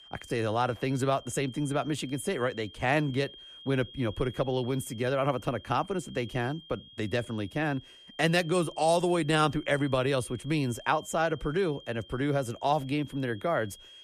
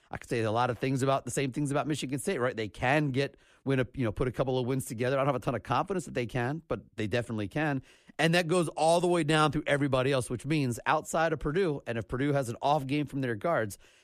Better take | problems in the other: second | high-pitched whine; noticeable; throughout; 3 kHz, 20 dB below the speech

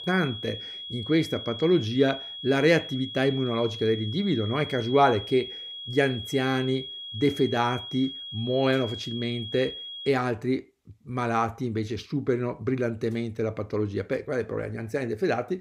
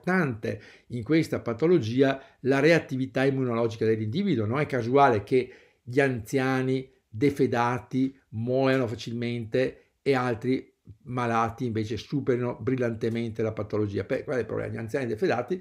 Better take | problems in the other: second | high-pitched whine; loud; until 10 s; 3.5 kHz, 9 dB below the speech

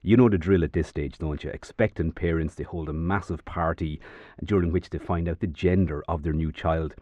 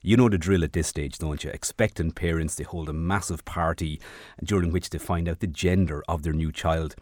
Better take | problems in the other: second | muffled; very; fading above 2.5 kHz

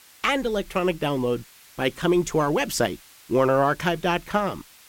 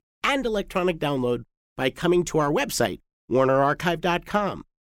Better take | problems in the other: second | hiss; faint; throughout; 25 dB below the speech

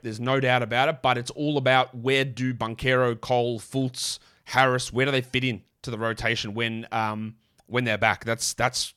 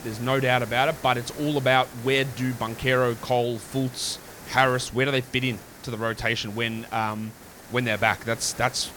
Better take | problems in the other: first | hiss; noticeable; throughout; 15 dB below the speech

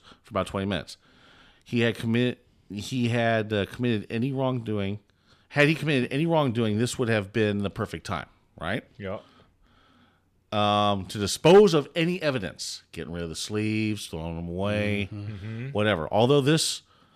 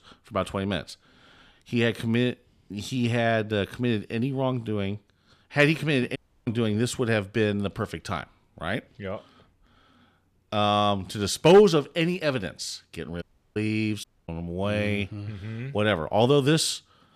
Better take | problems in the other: first | audio cutting out; at 6 s, at 13 s and at 14 s

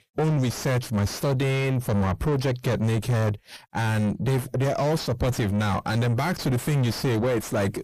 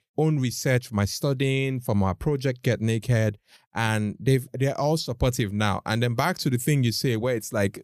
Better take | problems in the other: second | distortion; heavy; 6 dB below the speech

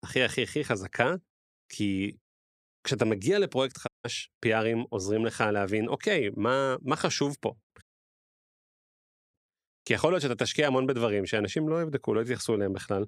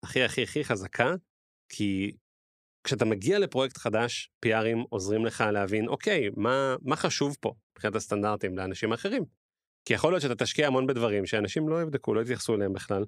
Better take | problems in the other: second | audio cutting out; at 4 s and at 8 s for 1.5 s

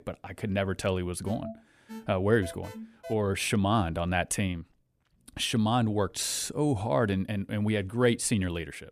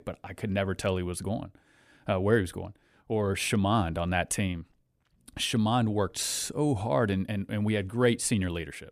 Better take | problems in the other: second | alarm; faint; from 1.5 to 3 s; peak 15 dB below the speech

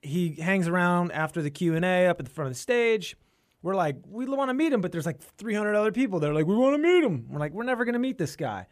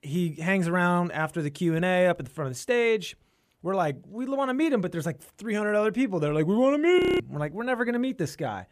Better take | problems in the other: first | audio freezing; at 7 s

